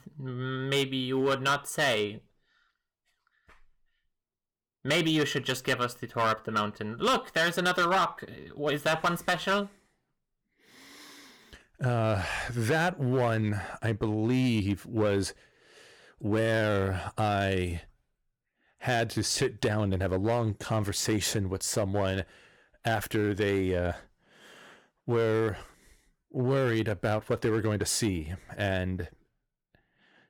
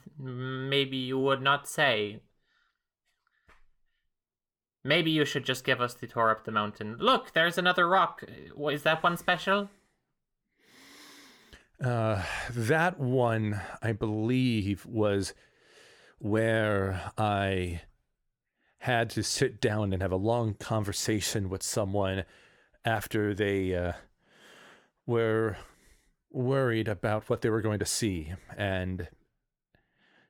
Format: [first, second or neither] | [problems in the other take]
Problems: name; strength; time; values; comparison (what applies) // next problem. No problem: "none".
second | distortion; slight; 5% of the sound clipped